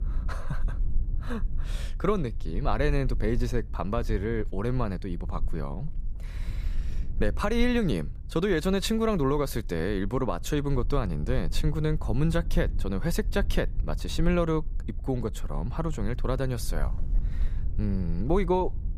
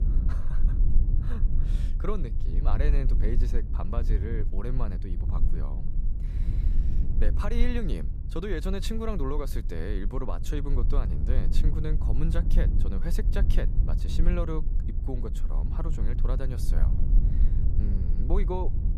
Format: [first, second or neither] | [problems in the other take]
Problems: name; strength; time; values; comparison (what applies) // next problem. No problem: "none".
first | low rumble; loud; throughout; 8 dB below the speech; faint in the first